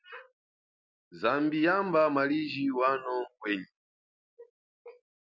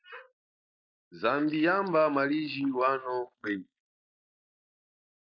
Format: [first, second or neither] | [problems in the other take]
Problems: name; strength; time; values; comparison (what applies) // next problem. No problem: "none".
first | noise reduction (neural mask model Resemble Enhance denoiser)